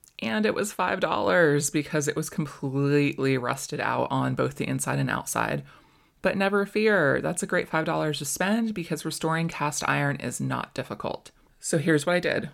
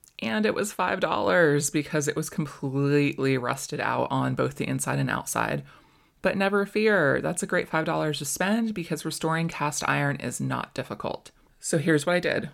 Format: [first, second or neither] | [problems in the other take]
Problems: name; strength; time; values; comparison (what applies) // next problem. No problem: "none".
neither | none